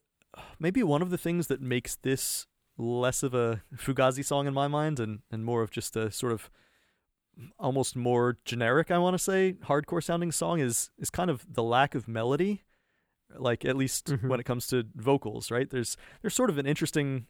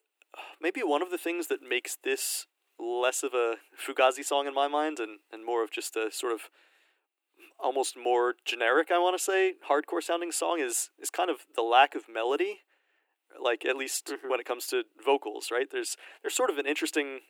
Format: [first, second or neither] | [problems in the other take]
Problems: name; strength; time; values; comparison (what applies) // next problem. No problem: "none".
first | thin; very; fading below 300 Hz